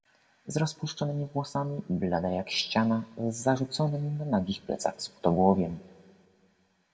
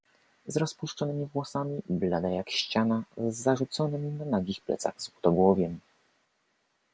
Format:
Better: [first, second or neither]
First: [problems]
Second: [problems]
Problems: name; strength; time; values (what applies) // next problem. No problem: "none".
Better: second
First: room echo; dies away in 0.3 s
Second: none